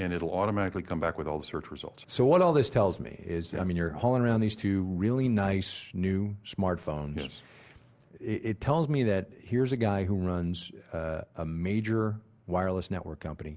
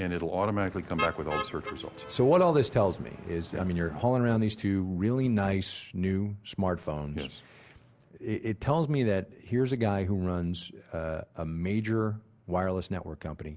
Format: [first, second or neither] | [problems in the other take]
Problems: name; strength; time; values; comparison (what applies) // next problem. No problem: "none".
first | background sound (Motor vehicle (road)); 11 dB below the speech